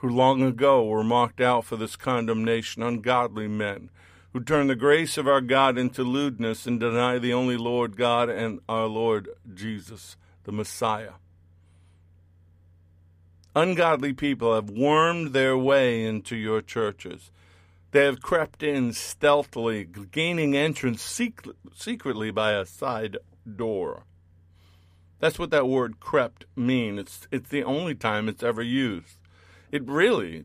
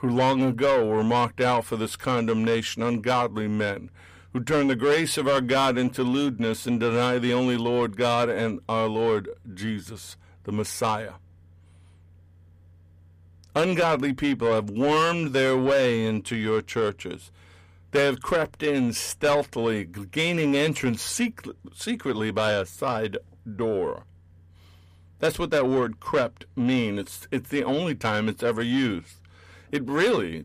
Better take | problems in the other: first | distortion; slight; 10 dB below the speech

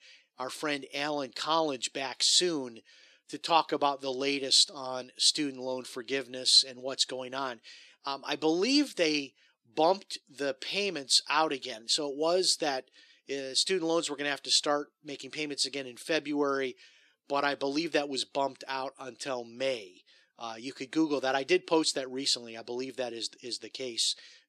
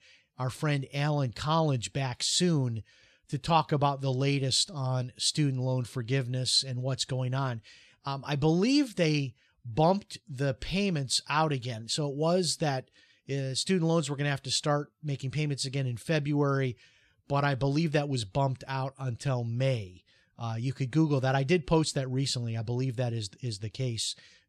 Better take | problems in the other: second | thin; somewhat; fading below 300 Hz

